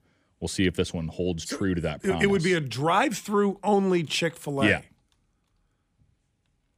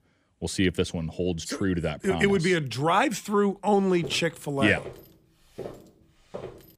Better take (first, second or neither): first